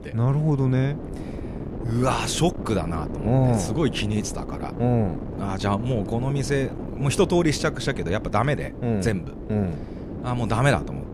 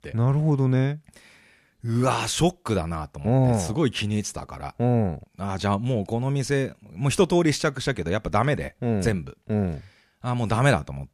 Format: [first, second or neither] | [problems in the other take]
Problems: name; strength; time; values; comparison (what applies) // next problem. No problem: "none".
second | wind noise on the microphone; occasional gusts; 10 dB below the speech